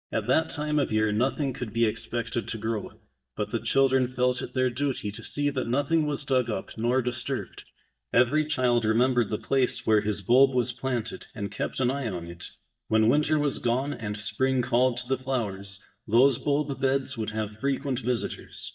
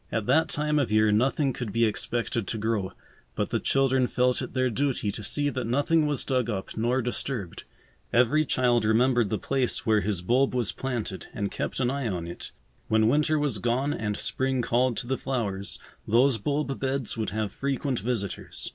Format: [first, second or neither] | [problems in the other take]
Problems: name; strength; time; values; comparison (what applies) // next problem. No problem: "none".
second | noise reduction (neural mask model DeepFilterNet 3)